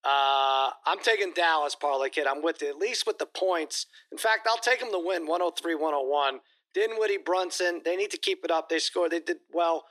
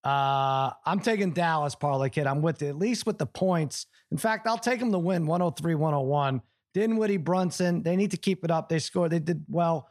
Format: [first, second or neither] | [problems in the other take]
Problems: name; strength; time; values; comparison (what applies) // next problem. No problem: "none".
second | thin; very; fading below 300 Hz